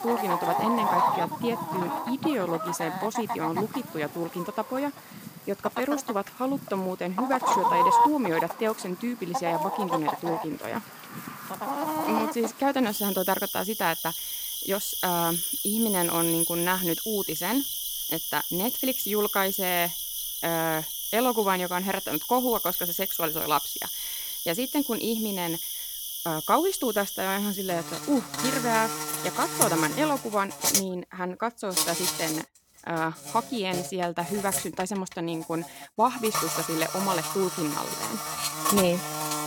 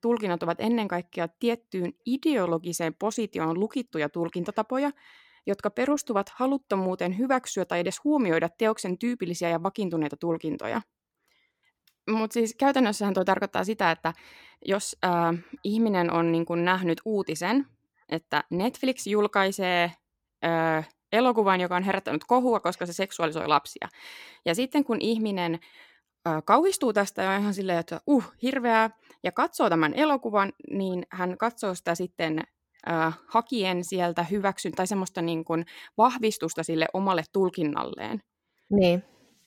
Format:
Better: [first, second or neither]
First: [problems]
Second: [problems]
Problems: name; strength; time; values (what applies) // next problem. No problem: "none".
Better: second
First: animal sounds; very loud; throughout; as loud as the speech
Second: none